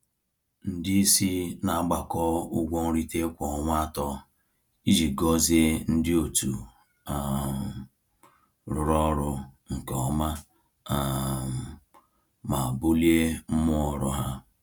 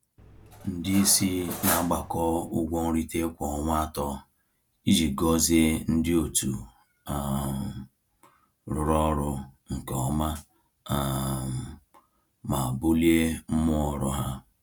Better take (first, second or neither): first